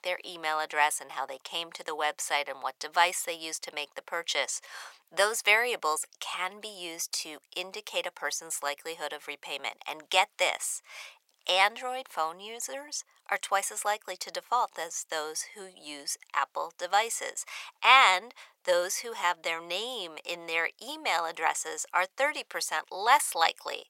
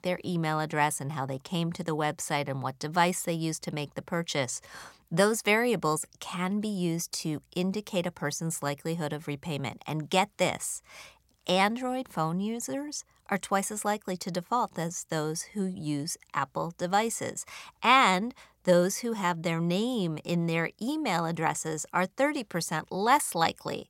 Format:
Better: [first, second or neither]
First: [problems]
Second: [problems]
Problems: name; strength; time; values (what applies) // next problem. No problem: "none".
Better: second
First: thin; very; fading below 550 Hz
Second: none